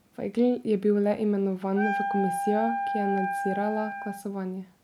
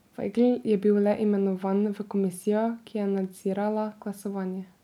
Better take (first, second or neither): second